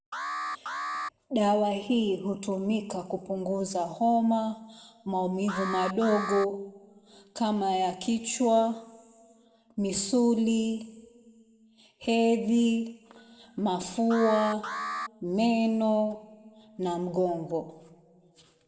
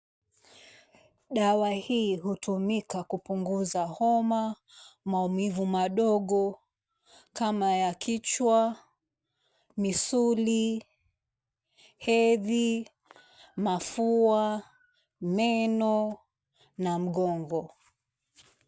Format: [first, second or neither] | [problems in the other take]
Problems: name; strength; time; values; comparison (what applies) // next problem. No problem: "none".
second | background sound (Alarm); 7 dB below the speech // room echo; dies away in 1 s